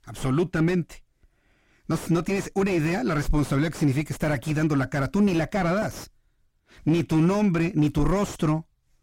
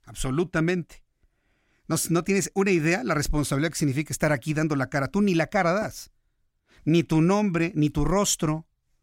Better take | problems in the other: second | distortion; heavy; 6 dB below the speech

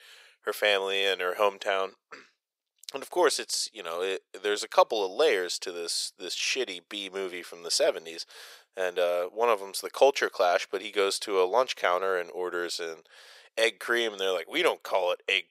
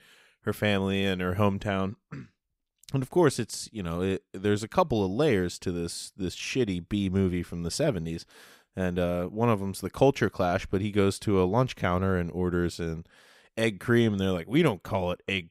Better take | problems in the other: second | thin; very; fading below 500 Hz

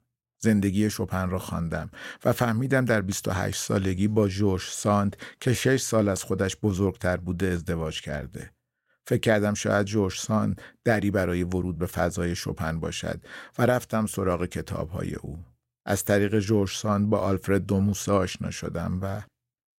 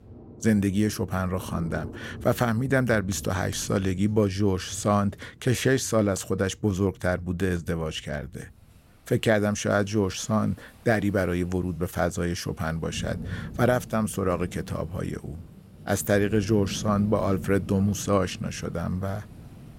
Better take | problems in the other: first | rain or running water; noticeable; throughout; 15 dB below the speech

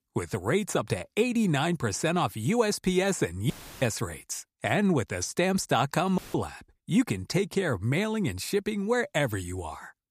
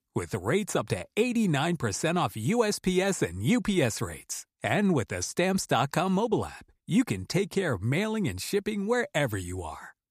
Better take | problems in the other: second | audio cutting out; filled with static; at 3.5 s and at 6 s

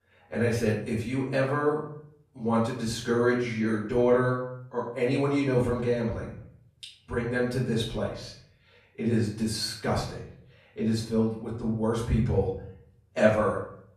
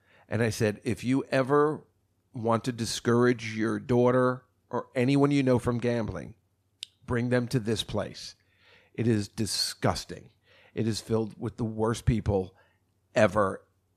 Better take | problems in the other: second | room echo; noticeable; dies away in 0.6 s // off-mic speech; far

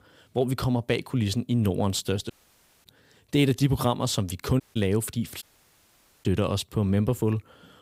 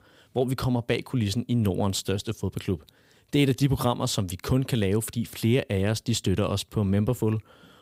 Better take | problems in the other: second | audio cutting out; at 2.5 s for 0.5 s, at 4.5 s and at 5.5 s for 1 s

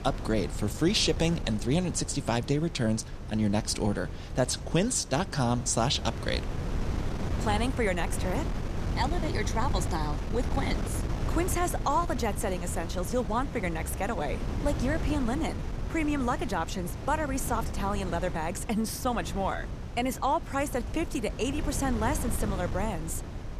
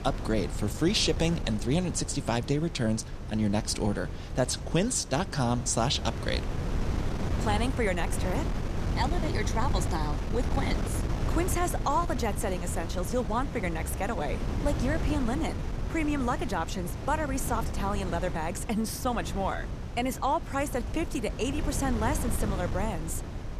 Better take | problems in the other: first | wind noise on the microphone; heavy; 9 dB below the speech; occasional gusts in the first

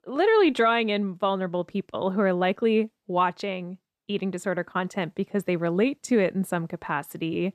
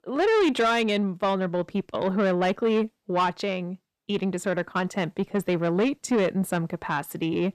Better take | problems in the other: first | distortion; slight; 10 dB below the speech

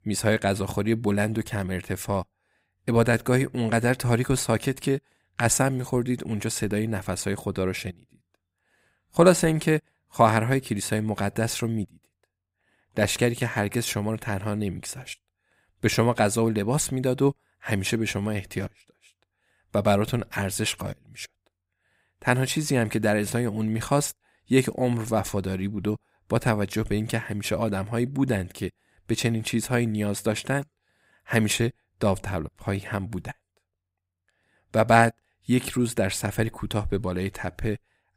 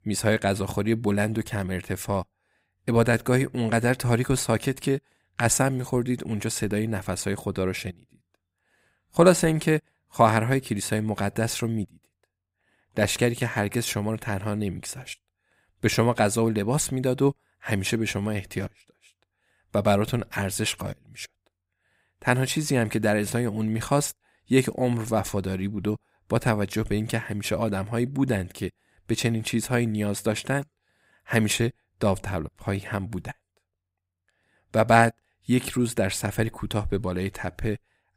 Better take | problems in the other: neither | none

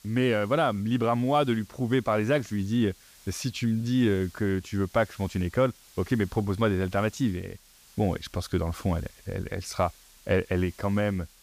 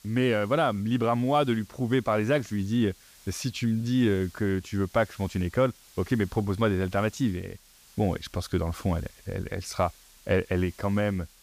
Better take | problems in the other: neither | hiss; faint; throughout; 25 dB below the speech; the same in both

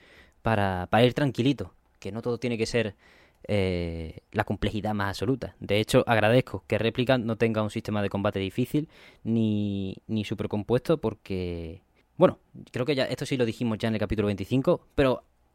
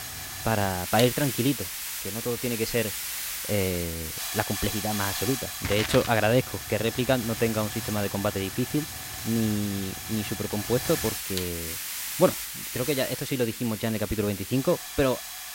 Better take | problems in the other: first | hiss; loud; throughout; 4 dB below the speech

